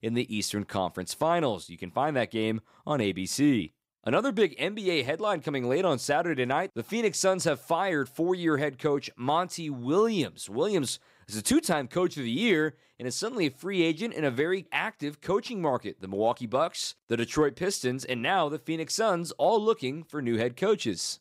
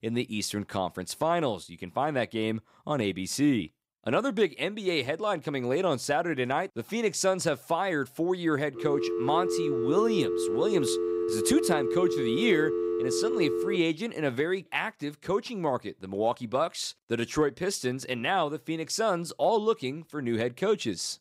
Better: first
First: none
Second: phone ringing; loud; from 8.5 to 14 s; peak level with the speech

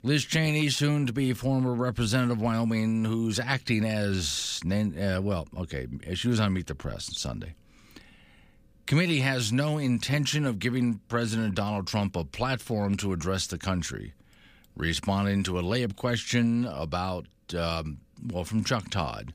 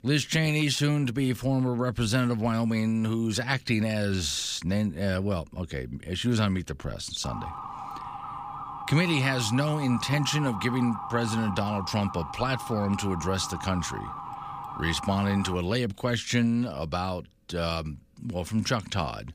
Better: first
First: none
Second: siren; noticeable; from 7 to 16 s; peak 8 dB below the speech

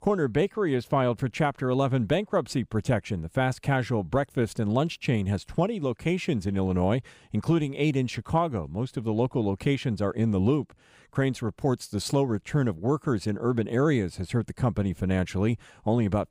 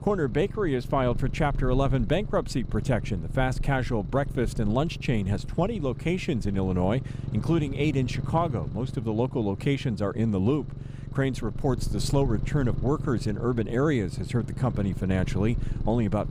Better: first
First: none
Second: low rumble; noticeable; throughout; 15 dB below the speech

